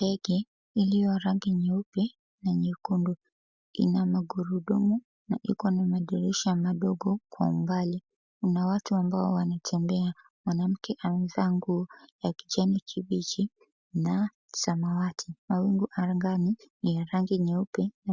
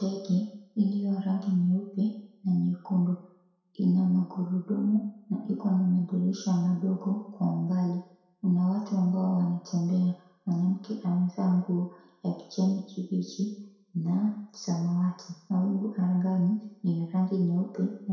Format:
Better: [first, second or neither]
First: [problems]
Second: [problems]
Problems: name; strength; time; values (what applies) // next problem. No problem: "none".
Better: first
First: none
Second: room echo; dies away in 0.7 s